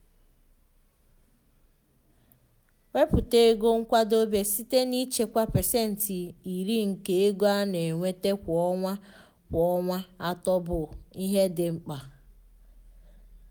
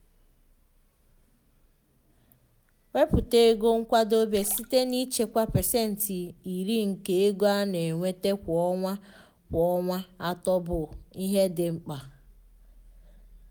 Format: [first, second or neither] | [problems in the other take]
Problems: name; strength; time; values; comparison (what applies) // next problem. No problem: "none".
first | background sound (Splash, splatter); 19 dB below the speech